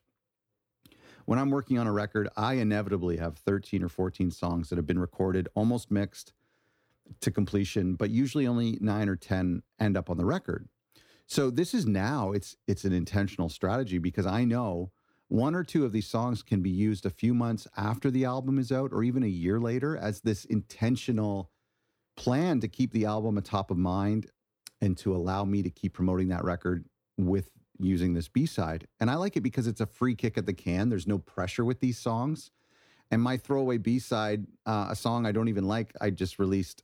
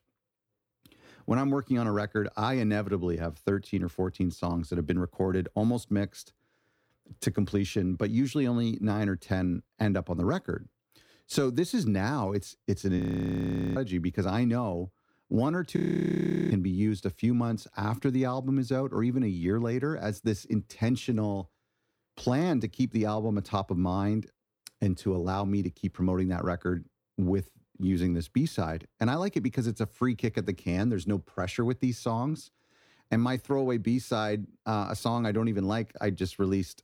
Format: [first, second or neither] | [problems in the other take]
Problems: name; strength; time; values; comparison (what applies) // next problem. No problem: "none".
first | audio freezing; at 13 s for 1 s and at 16 s for 0.5 s